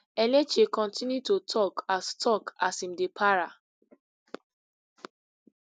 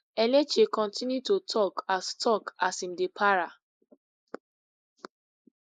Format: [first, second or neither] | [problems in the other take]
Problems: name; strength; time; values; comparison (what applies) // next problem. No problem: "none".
first | noise reduction (neural mask model Resemble Enhance denoiser)